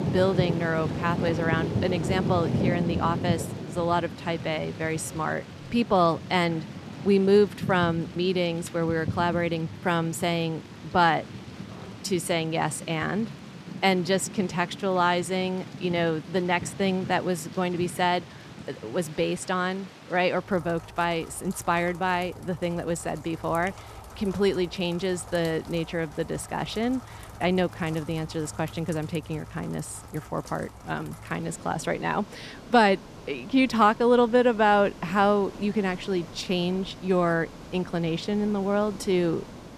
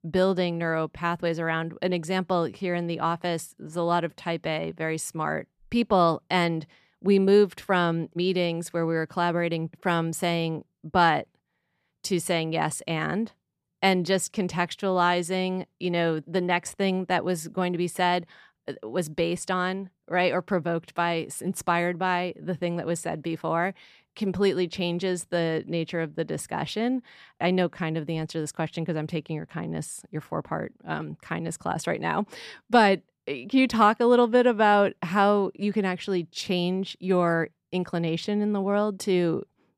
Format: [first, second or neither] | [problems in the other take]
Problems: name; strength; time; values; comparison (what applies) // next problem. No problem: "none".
second | rain or running water; noticeable; throughout; 10 dB below the speech